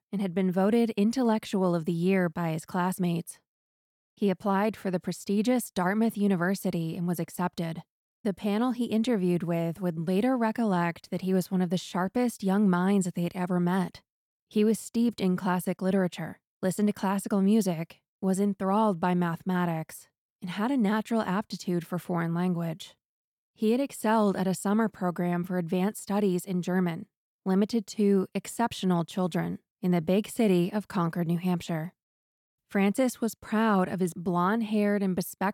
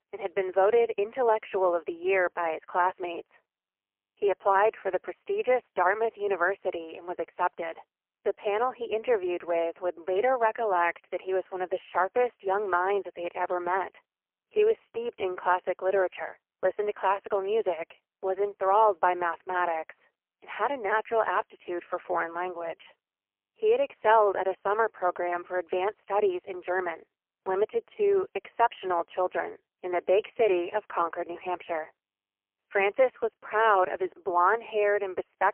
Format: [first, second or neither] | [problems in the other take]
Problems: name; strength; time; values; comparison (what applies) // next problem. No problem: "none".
first | phone-call audio; poor line; nothing above 3 kHz